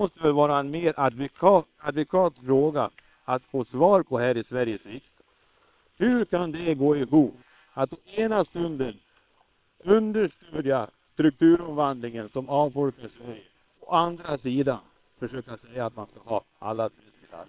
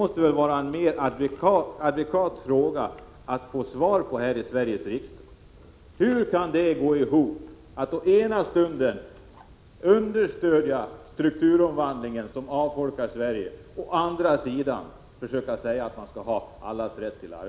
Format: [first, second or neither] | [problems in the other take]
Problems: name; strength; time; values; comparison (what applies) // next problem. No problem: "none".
second | noise reduction (neural separator model SepFormer WHAM!)